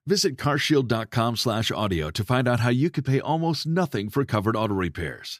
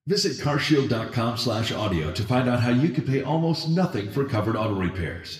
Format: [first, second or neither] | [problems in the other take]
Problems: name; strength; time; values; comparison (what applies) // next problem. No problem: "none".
first | room echo; slight; dies away in 0.9 s // off-mic speech; somewhat distant